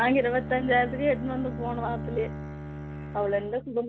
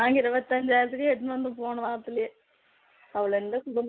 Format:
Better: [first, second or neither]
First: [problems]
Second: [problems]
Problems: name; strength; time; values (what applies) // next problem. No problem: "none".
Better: second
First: background sound (Bowed string instrument); 8 dB below the speech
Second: none